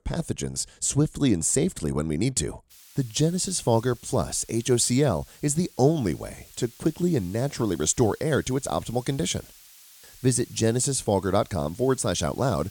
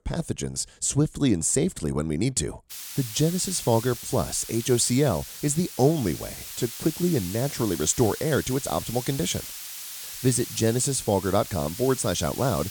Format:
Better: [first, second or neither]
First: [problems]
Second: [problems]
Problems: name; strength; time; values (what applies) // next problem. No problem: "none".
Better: first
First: hiss; faint; from 2.5 s on; 25 dB below the speech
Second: hiss; loud; from 2.5 s on; 10 dB below the speech